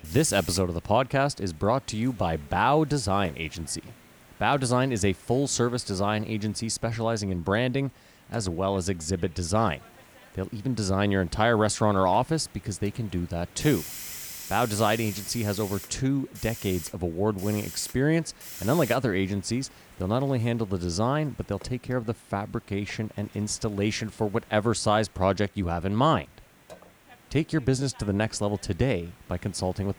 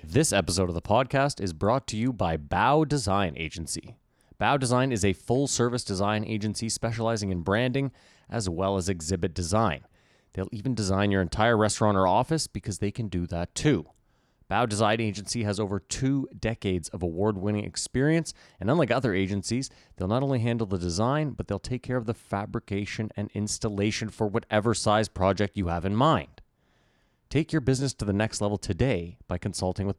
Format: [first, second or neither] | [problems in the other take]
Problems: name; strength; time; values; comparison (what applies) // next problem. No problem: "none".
second | hiss; noticeable; throughout; 15 dB below the speech